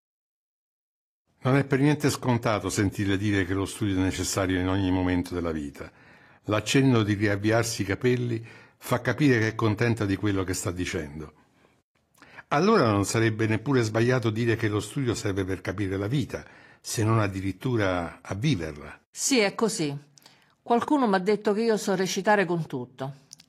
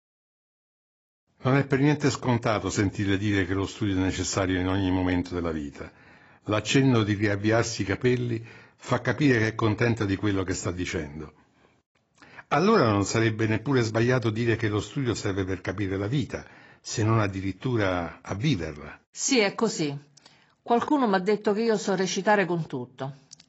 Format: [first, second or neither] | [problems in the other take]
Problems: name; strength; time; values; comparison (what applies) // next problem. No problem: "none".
first | garbled, watery; badly; nothing above 7.5 kHz; slightly in the first